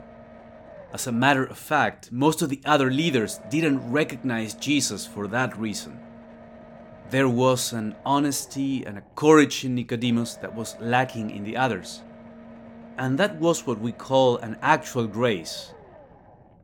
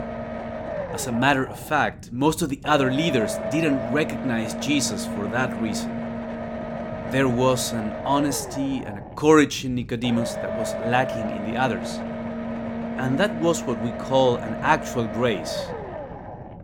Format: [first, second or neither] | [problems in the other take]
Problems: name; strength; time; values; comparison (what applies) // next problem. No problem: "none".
first | low rumble; loud; throughout; 7 dB below the speech; faint in the first